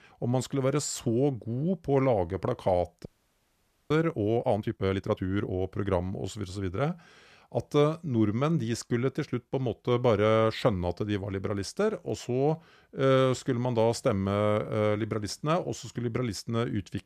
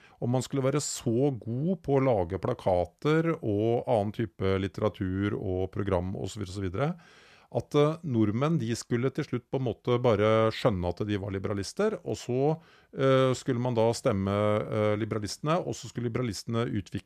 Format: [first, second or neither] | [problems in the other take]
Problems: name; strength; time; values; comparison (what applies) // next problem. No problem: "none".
second | audio freezing; at 3 s for 1 s